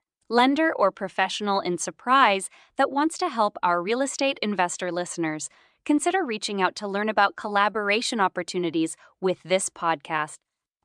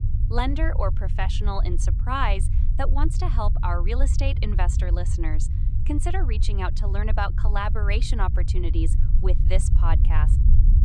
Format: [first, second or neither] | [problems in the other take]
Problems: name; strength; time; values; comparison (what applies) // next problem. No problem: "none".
first | low rumble; noticeable; throughout; 10 dB below the speech